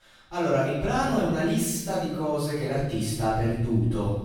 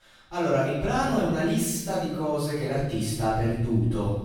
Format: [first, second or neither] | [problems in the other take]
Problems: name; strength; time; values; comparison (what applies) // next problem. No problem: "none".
neither | off-mic speech; far; the same in both // room echo; strong; dies away in 1.4 s; the same in both